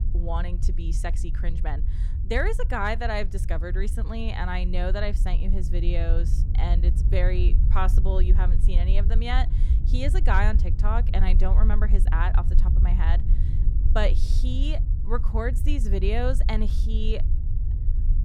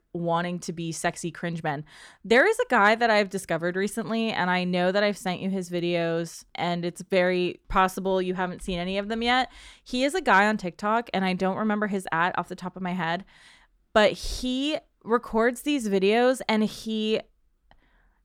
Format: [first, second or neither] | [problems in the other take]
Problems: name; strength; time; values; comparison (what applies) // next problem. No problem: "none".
second | low rumble; noticeable; throughout; 10 dB below the speech